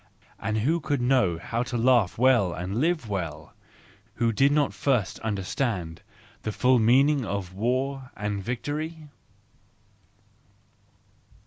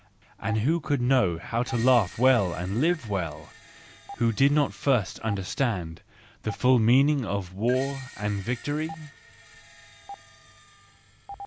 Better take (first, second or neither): first